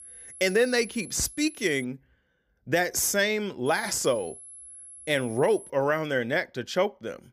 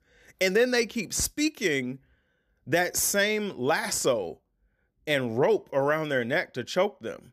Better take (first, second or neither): second